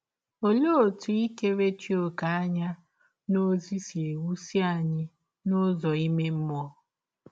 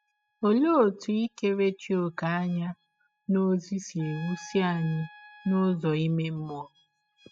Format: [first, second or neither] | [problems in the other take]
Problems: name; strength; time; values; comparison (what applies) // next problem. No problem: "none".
first | noise reduction (classical method spectral subtraction)